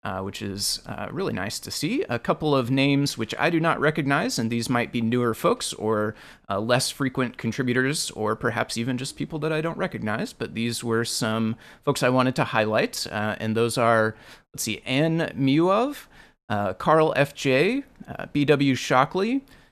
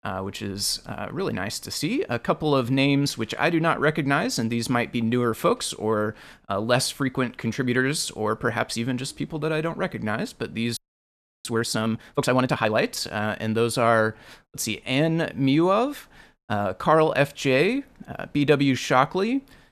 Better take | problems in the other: first | audio freezing; at 11 s for 0.5 s

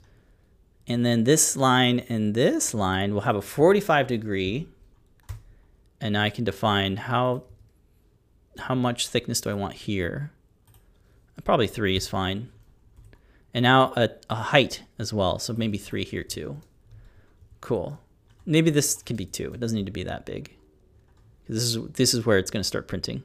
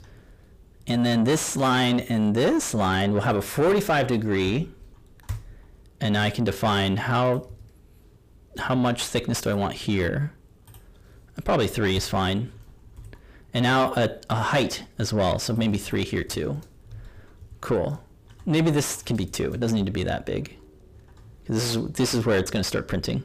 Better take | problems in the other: first | distortion; heavy; 5 dB below the speech

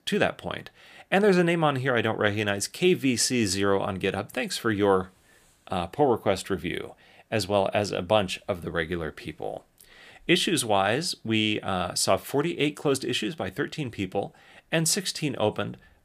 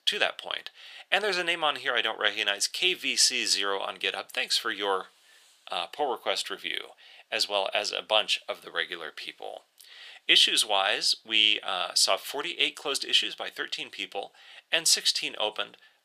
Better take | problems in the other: first | thin; very; fading below 650 Hz

